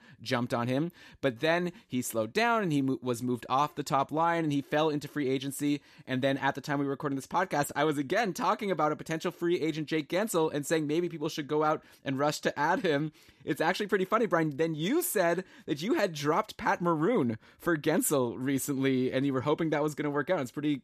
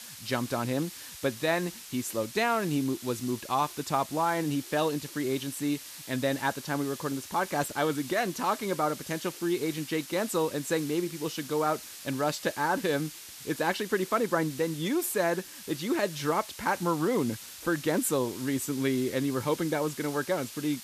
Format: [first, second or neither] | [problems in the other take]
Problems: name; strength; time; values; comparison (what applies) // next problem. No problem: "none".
first | hiss; noticeable; throughout; 10 dB below the speech